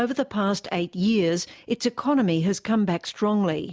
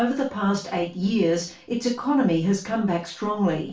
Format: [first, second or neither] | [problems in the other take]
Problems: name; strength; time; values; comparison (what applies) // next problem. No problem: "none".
first | room echo; dies away in 0.3 s